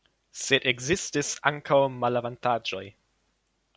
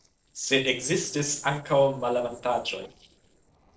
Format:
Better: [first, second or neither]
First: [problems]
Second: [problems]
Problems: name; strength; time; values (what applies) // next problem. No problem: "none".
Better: first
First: none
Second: noise reduction (neural separator model SepFormer DNS4)